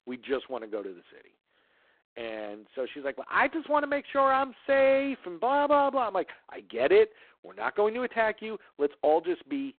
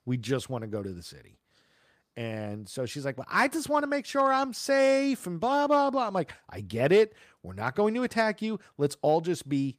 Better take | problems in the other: second | phone-call audio; poor line; nothing above 4 kHz

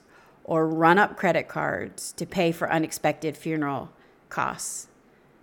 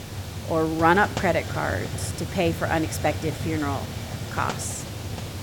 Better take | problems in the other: first | hiss; loud; throughout; 6 dB below the speech

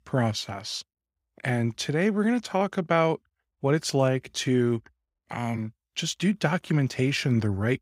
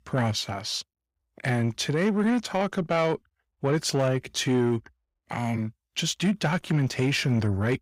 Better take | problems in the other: first | distortion; slight; 10 dB below the speech

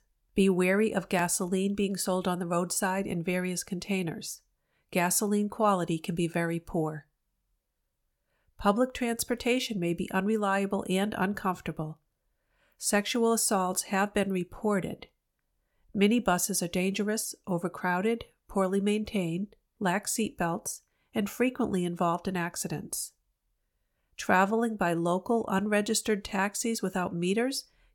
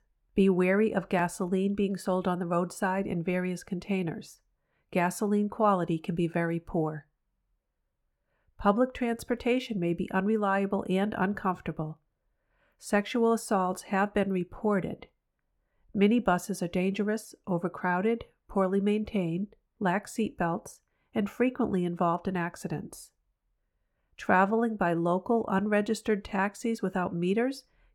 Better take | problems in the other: first | muffled; slightly; fading above 3 kHz

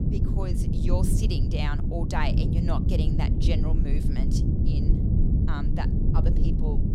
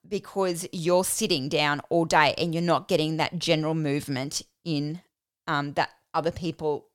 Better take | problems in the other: second | low rumble; loud; throughout; 1 dB below the speech

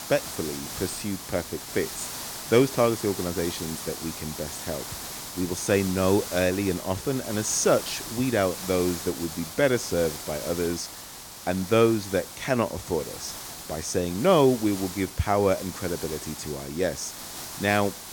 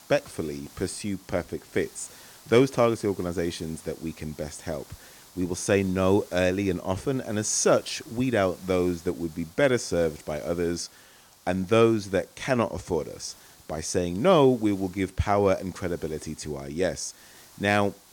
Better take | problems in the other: second | hiss; loud; throughout; 9 dB below the speech; faint in the second

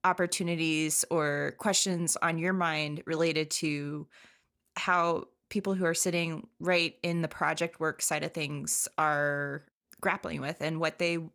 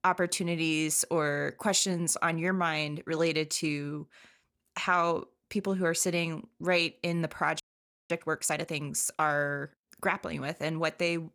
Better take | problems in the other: first | audio freezing; at 7.5 s for 0.5 s

